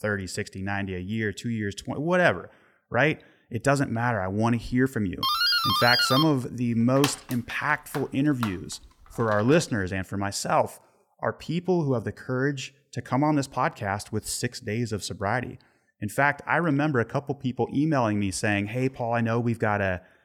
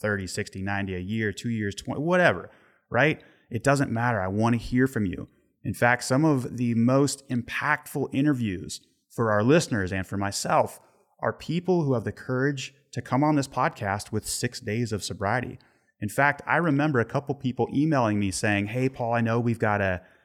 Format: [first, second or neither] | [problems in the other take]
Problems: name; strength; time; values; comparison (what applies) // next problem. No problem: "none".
second | doorbell; loud; from 5 to 9.5 s; peak 5 dB above the speech